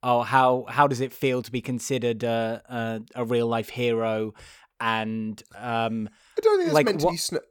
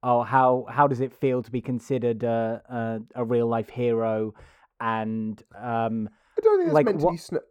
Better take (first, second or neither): first